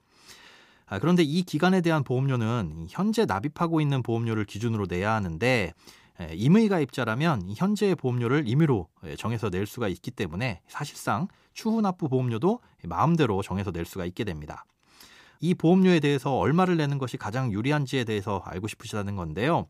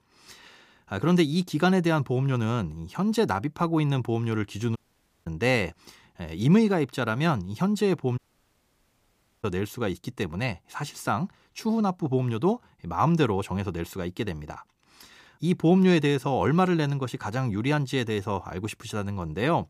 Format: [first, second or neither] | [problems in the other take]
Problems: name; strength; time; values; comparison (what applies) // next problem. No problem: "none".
first | audio cutting out; at 5 s for 0.5 s and at 8 s for 1.5 s